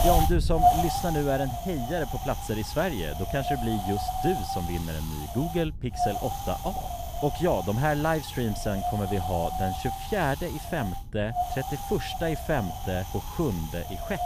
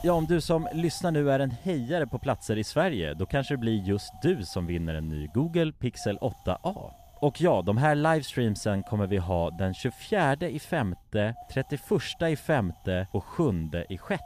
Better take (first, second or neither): second